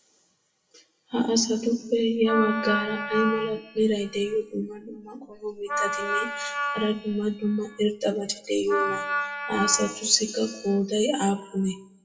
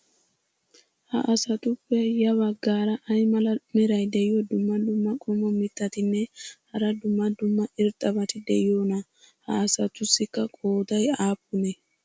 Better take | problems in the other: second | noise reduction (classical method WPE with log-MMSE)

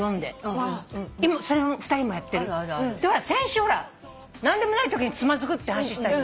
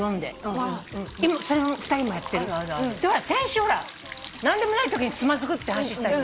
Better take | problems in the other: first | background sound (Liquid); 17 dB below the speech

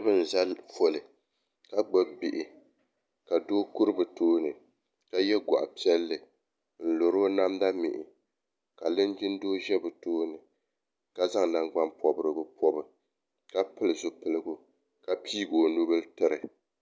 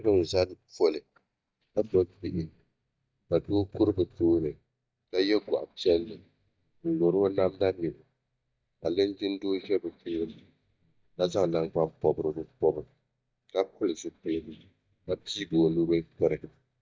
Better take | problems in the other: first | noise reduction (neural mask model DeepFilterNet 3)

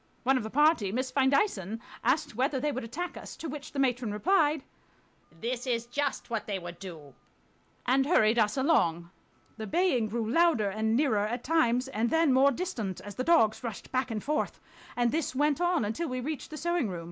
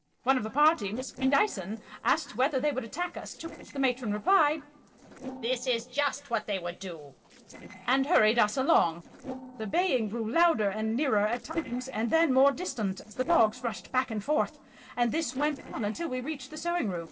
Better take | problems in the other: first | noise reduction (neural separator model SepFormer DNS4)

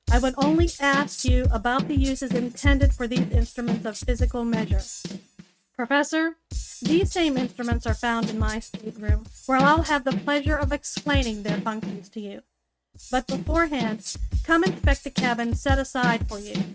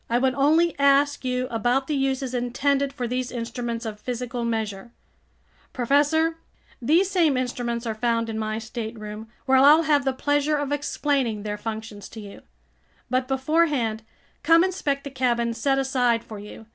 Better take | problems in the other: second | noise reduction (neural mask model RNNoise)

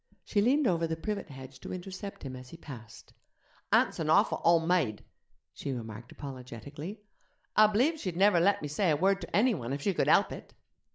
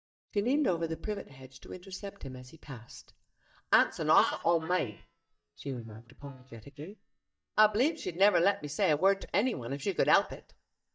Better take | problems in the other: first | noise reduction (neural mask model DeepFilterNet 3)

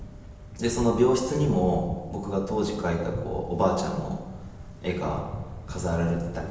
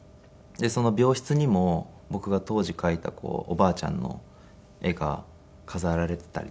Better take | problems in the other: second | background sound (Thunder / Bicycle); 11 dB below the speech // room echo; dies away in 1 s

